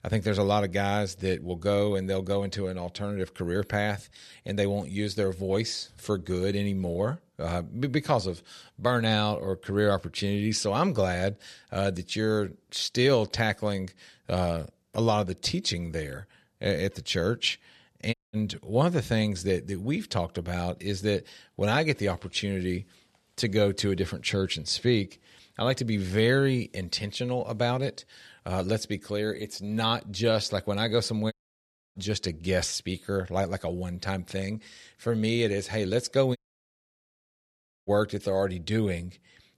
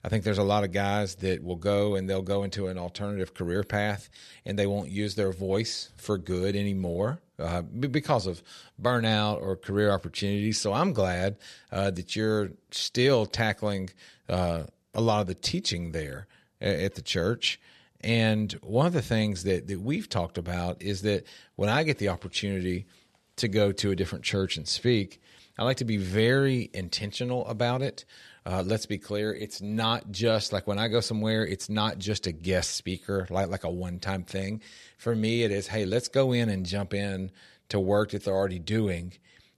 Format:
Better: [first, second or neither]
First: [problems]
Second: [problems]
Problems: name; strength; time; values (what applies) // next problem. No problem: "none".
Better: second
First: audio cutting out; at 18 s, at 31 s for 0.5 s and at 36 s for 1.5 s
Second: none